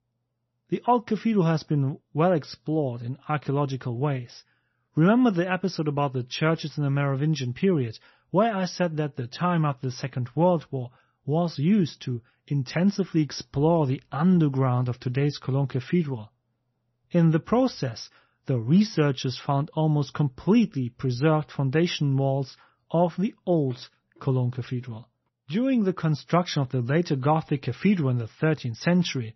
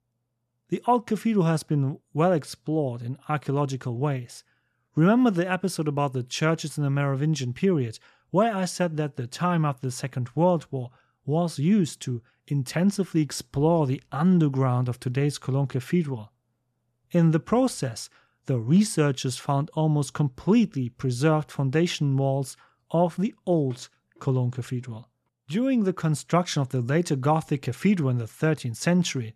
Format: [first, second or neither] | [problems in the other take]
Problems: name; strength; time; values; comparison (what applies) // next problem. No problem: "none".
second | garbled, watery; slightly; nothing above 6 kHz